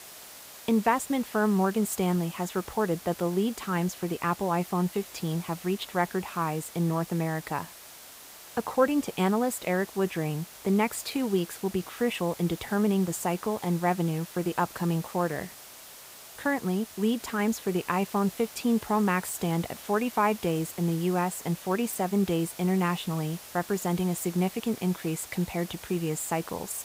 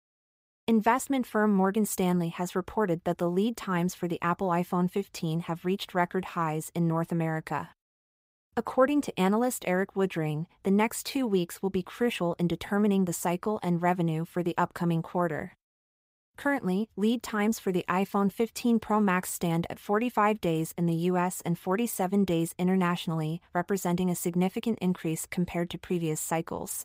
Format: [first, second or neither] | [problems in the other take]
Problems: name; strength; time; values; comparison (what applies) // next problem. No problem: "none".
second | hiss; noticeable; throughout; 15 dB below the speech